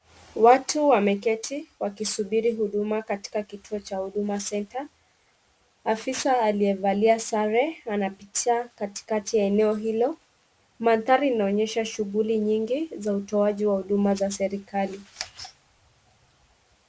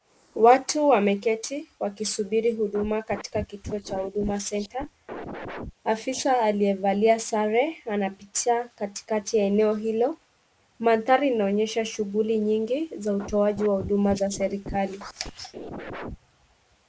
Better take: first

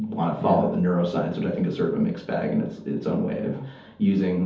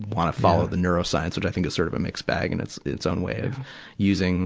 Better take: second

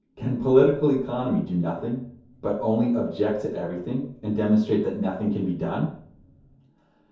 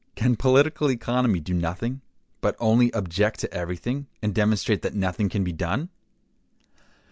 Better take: second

